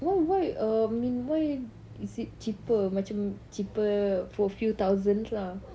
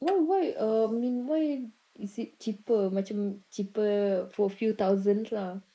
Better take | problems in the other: first | noise reduction (neural mask model Resemble Enhance denoiser)

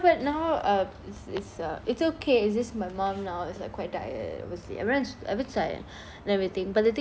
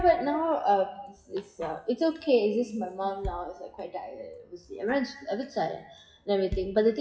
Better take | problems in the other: first | noise reduction (classical method WPE with log-MMSE)

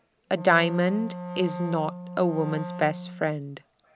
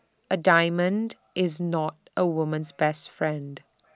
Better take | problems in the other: second | background sound (Wind instrument, woodwind instrument); 10 dB below the speech

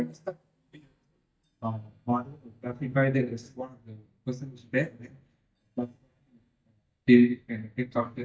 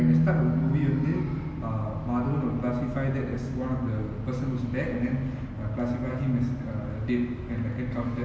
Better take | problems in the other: second | noise reduction (neural mask model DeepFilterNet 3)

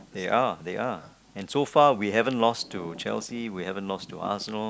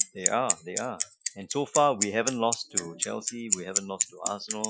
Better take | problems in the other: first | noise reduction (classical method Wiener filter)

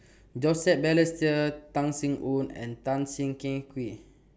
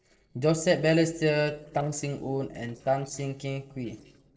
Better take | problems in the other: first | noise reduction (neural separator model SepFormer DNS4)

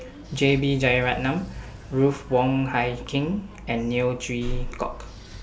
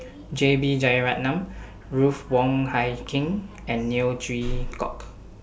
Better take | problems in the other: second | background sound (Engine / Car); 20 dB below the speech

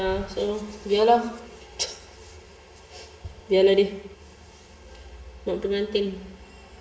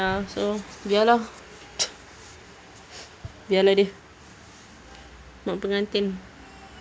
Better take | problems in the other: second | room echo; dies away in 0.8 s

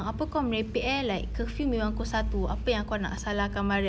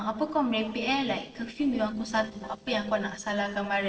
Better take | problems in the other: first | noise reduction (neural separator model SepFormer DNS4)

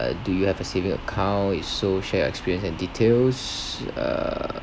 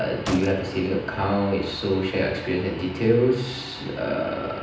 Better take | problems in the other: first | background sound (Gunshot, gunfire); 15 dB below the speech // room echo; dies away in 0.9 s

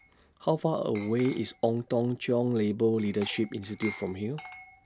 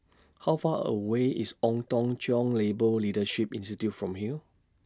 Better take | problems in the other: second | background sound (Glass); 19 dB below the speech

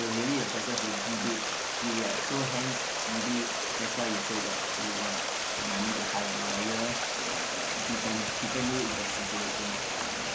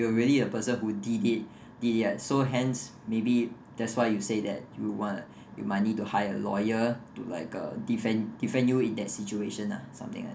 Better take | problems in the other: second | background sound (Stream); 4 dB above the speech

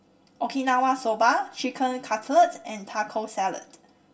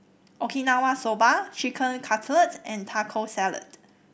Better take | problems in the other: second | room echo; dies away in 0.2 s

